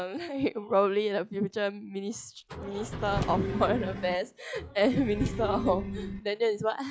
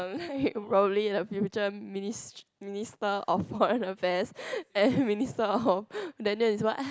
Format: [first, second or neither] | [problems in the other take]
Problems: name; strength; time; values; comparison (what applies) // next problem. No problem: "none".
second | noise reduction (classical method log-MMSE)